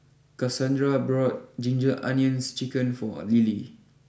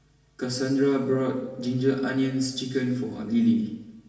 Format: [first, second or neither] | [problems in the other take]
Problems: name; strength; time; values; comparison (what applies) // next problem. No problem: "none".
first | room echo; dies away in 1.1 s